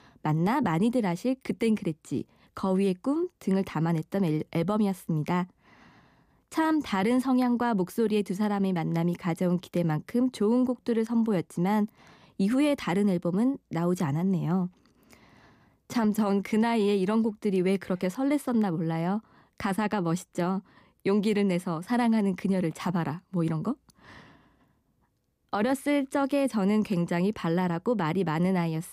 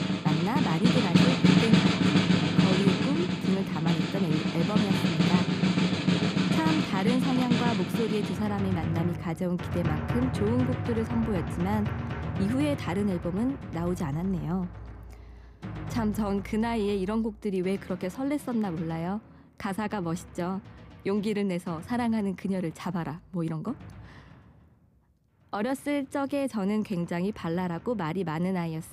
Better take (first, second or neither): first